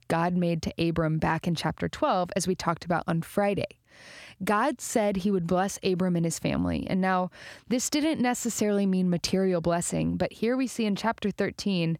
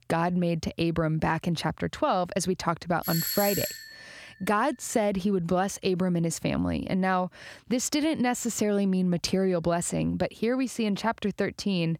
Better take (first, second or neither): first